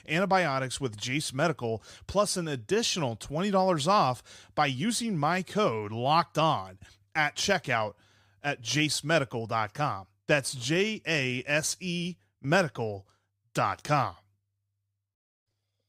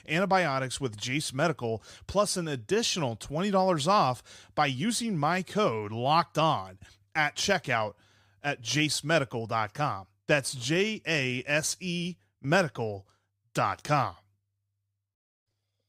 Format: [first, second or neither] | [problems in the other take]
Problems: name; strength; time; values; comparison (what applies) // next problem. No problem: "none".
neither | none